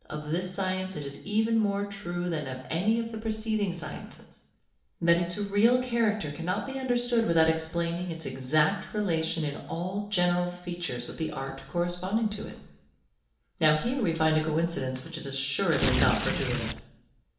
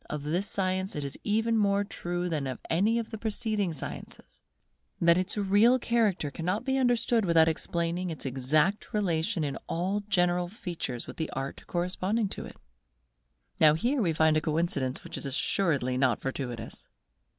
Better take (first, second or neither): second